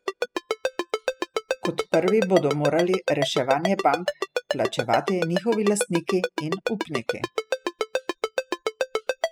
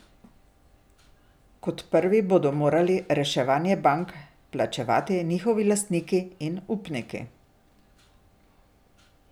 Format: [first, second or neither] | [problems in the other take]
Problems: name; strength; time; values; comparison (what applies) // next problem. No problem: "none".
second | noise reduction (classical method spectral subtraction)